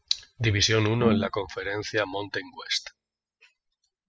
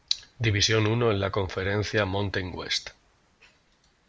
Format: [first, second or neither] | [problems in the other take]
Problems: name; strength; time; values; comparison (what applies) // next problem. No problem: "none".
second | noise reduction (classical method spectral subtraction)